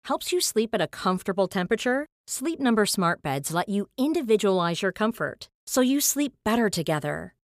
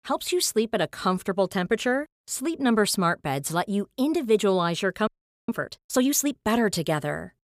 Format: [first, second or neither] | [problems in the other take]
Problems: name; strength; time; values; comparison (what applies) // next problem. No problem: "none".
first | audio freezing; at 5 s